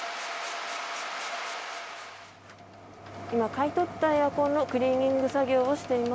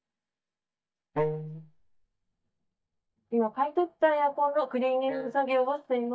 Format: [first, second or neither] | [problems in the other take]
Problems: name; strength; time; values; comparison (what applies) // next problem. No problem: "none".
first | noise reduction (neural mask model DeepFilterNet 3)